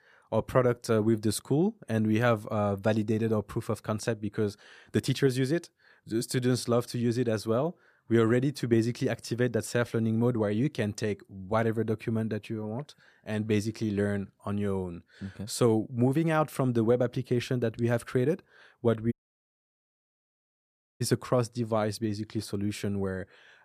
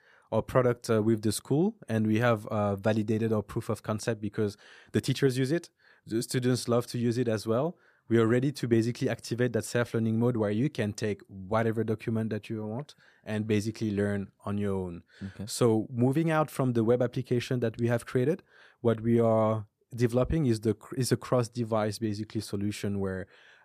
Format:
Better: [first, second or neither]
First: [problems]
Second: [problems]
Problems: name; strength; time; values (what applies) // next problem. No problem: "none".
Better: second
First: audio cutting out; at 19 s for 2 s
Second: none